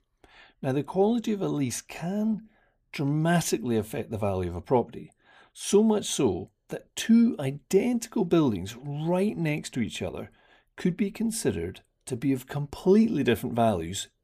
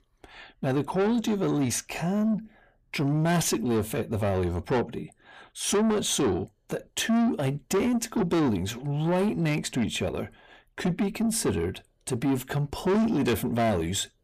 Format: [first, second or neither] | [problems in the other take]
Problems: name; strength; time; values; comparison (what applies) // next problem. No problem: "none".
first | distortion; heavy; 7 dB below the speech